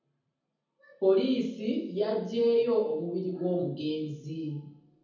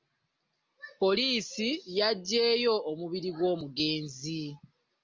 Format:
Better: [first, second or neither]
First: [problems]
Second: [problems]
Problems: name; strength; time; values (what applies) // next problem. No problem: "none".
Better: second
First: room echo; dies away in 0.7 s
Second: none